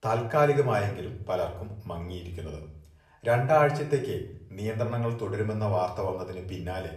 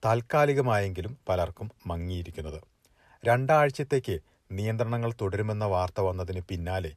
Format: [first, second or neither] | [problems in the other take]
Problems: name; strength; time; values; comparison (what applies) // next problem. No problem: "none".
second | room echo; slight; dies away in 0.5 s // off-mic speech; somewhat distant